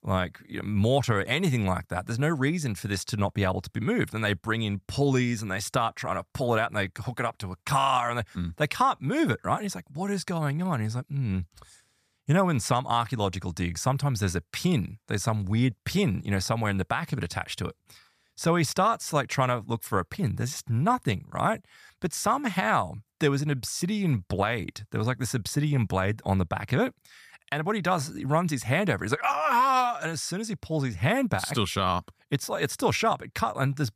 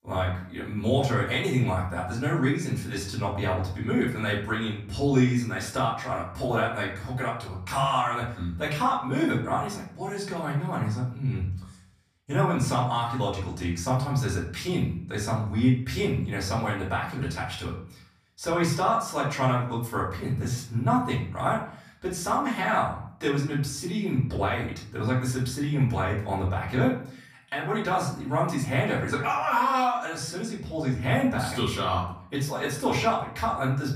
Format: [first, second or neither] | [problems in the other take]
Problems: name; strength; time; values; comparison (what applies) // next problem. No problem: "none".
first | off-mic speech; far // room echo; slight; dies away in 0.5 s